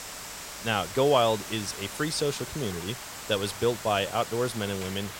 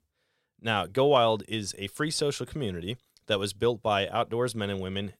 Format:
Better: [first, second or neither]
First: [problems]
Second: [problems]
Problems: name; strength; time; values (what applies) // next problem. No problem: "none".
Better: second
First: hiss; loud; throughout; 9 dB below the speech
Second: none